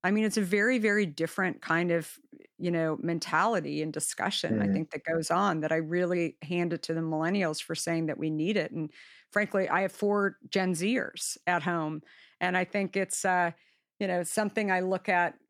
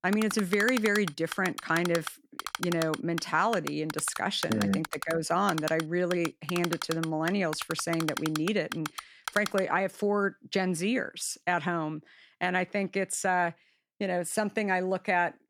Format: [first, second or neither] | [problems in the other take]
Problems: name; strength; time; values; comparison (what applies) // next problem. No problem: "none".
first | keyboard typing; noticeable; until 9.5 s; peak 5 dB below the speech